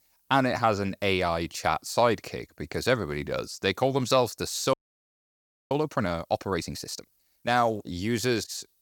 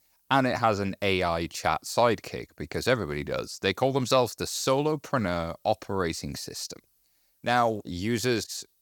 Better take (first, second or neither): second